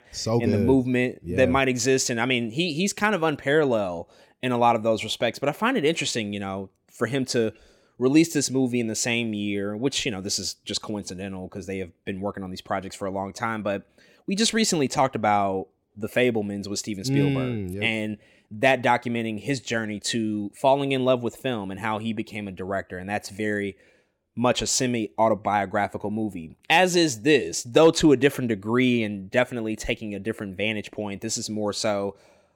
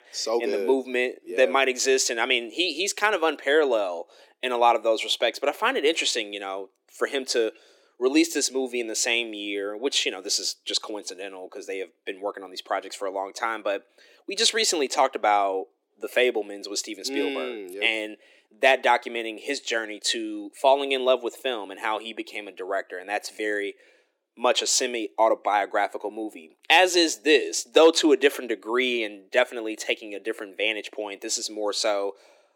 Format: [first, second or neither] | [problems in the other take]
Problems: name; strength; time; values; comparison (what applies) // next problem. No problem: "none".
first | thin; somewhat; fading below 300 Hz